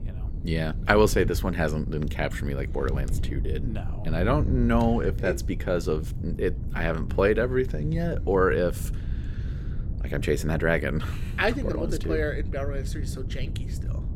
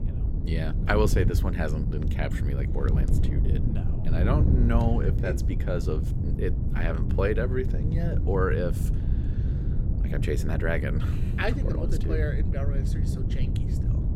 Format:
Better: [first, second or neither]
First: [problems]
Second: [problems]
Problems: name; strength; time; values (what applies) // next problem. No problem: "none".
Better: first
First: wind noise on the microphone; occasional gusts; 20 dB below the speech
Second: wind noise on the microphone; heavy; 8 dB below the speech